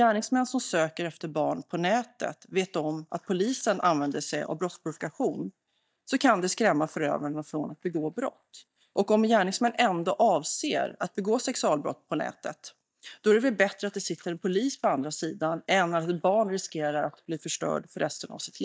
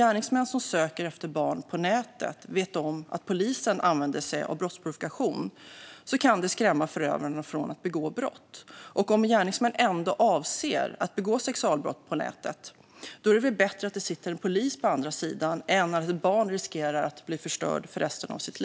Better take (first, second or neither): second